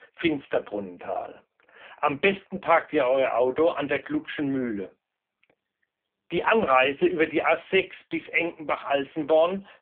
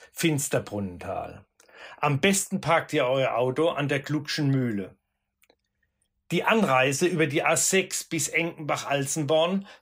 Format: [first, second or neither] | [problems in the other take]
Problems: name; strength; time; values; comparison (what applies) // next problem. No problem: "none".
second | phone-call audio; poor line